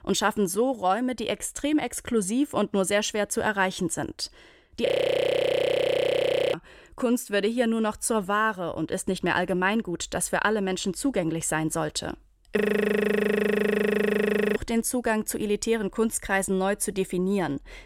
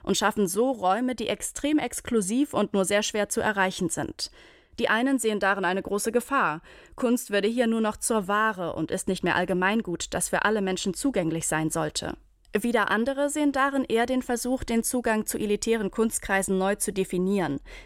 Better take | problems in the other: second | audio freezing; at 5 s for 1.5 s and at 13 s for 2 s

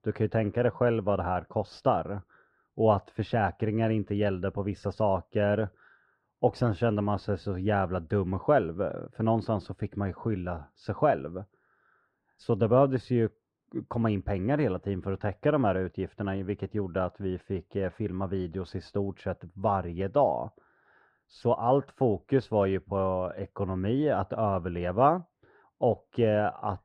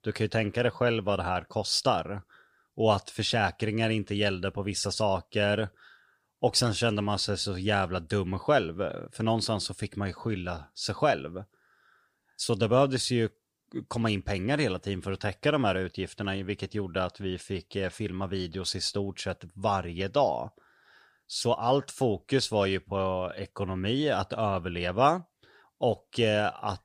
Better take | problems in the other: second | muffled; very; fading above 3 kHz

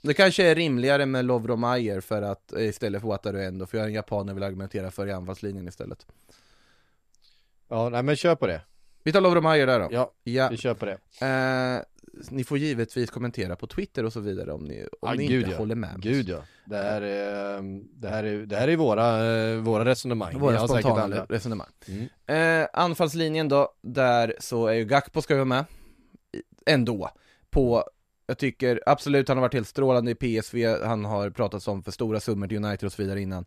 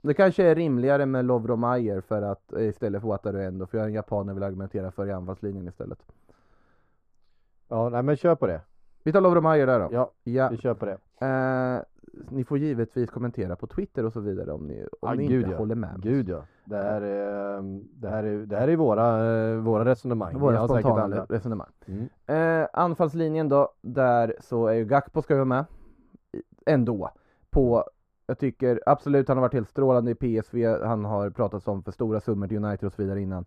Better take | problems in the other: first | muffled; very; fading above 1.5 kHz

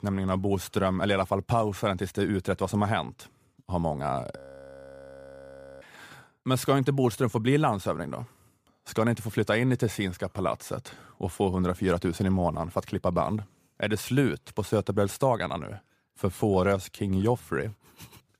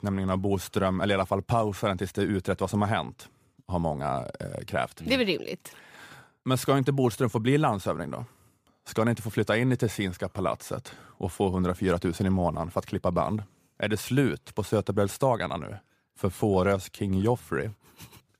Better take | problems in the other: second | audio freezing; at 4.5 s for 1.5 s

